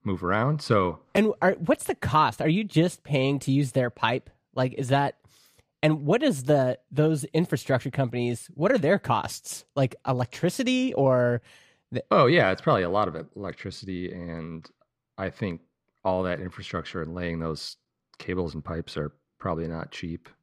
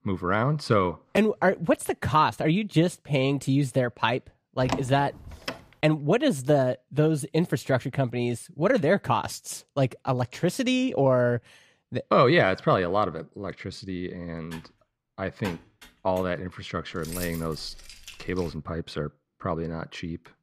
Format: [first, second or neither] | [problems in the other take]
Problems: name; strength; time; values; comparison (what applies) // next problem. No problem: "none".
first | door banging; noticeable; at 4.5 s; peak 6 dB below the speech // keyboard typing; faint; from 15 to 16 s; peak 15 dB below the speech // jangling keys; faint; from 17 to 19 s; peak 10 dB below the speech